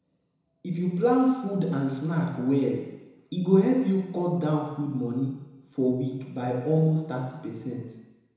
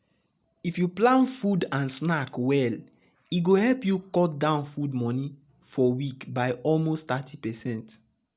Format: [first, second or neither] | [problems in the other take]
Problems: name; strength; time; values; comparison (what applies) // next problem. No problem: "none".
second | room echo; dies away in 1 s